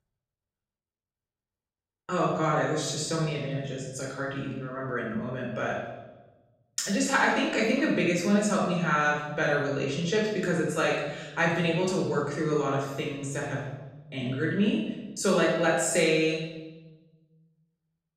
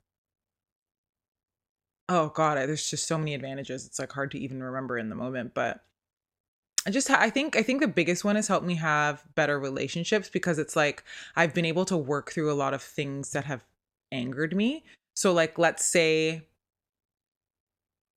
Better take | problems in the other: second | off-mic speech; far // room echo; noticeable; dies away in 1 s

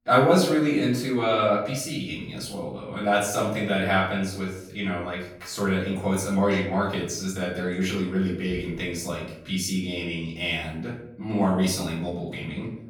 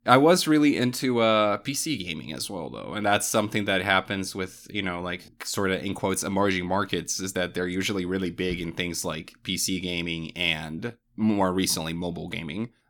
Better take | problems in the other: second | off-mic speech; far // room echo; noticeable; dies away in 0.7 s

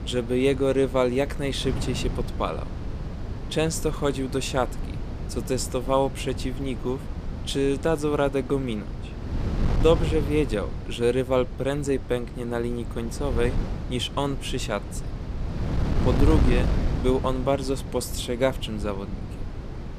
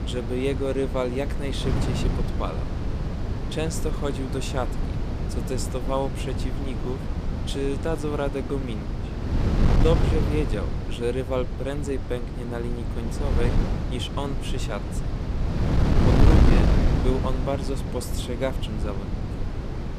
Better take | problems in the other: first | wind noise on the microphone; heavy; 3 dB below the speech; occasional gusts in the first

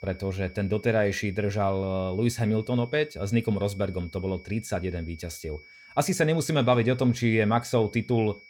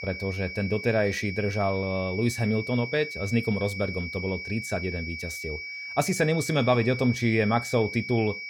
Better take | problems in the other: first | high-pitched whine; loud; throughout; 2.5 kHz, 8 dB below the speech; faint in the first

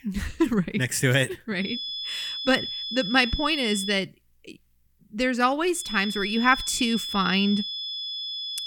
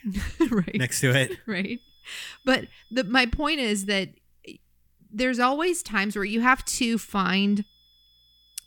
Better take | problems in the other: second | high-pitched whine; loud; from 1.5 to 4 s and from 6 s on; 3.5 kHz, 6 dB below the speech; faint in the second

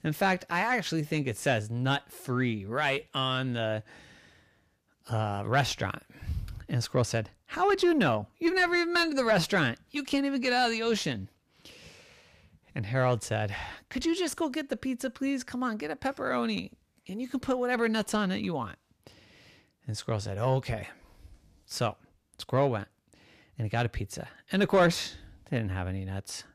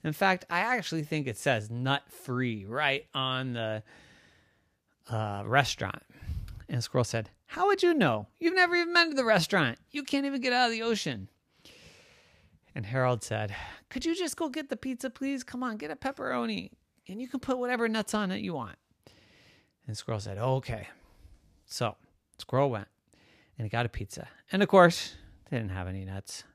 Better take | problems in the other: second | distortion; slight; 10 dB below the speech

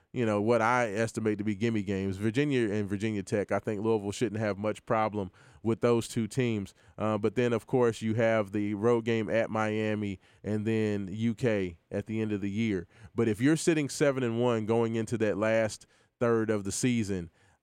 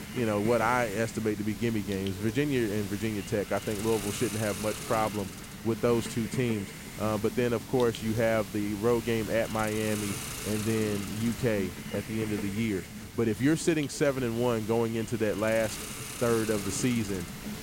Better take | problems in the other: first | hiss; loud; throughout; 9 dB below the speech

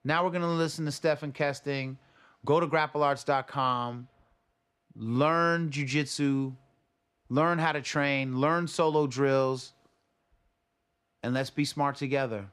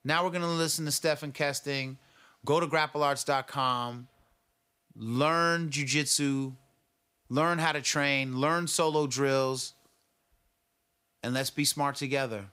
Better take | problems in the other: second | muffled; slightly; fading above 2 kHz

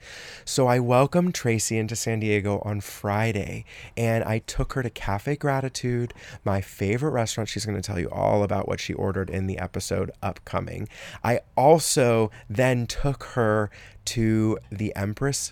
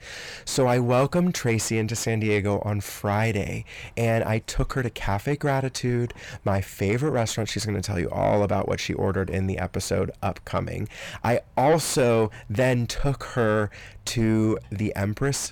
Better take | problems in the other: first | distortion; slight; 10 dB below the speech

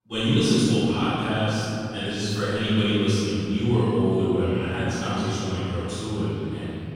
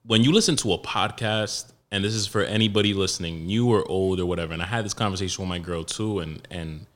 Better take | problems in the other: second | room echo; strong; dies away in 3 s // off-mic speech; far

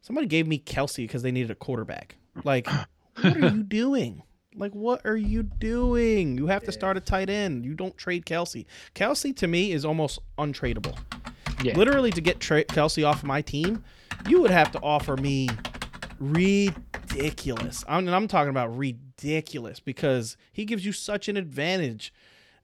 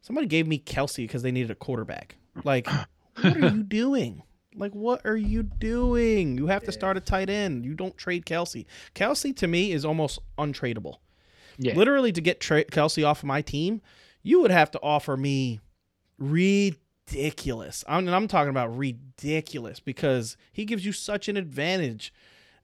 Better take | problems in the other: second | keyboard typing; noticeable; from 11 to 18 s; peak 8 dB below the speech

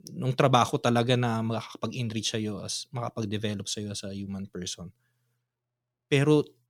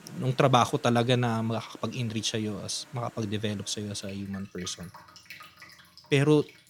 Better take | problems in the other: first | rain or running water; faint; throughout; 20 dB below the speech

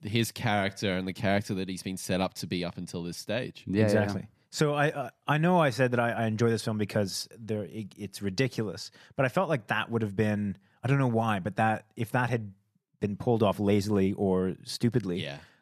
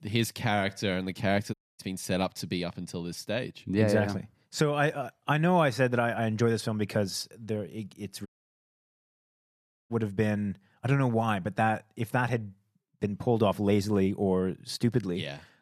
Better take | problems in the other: first | audio cutting out; at 1.5 s and at 8.5 s for 1.5 s

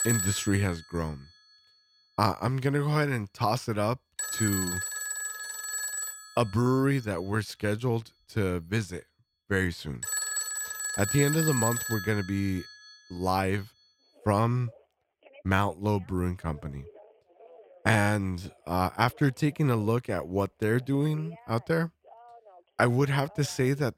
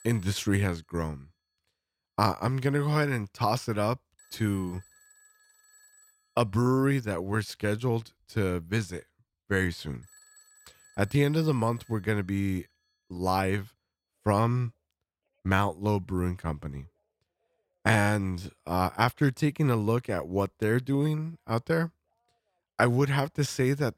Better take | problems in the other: second | alarms or sirens; loud; throughout; 3 dB below the speech; faint in the second

